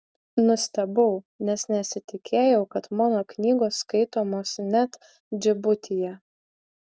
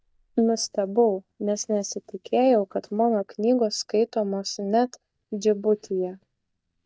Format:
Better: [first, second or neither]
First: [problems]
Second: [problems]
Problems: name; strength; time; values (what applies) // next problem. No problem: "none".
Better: first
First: none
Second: noise reduction (neural mask model DeepFilterNet 3)